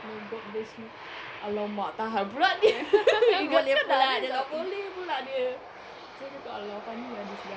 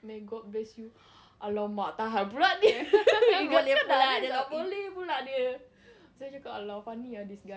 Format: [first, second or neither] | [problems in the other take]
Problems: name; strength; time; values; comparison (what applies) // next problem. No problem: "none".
second | background sound (Aircraft); 15 dB below the speech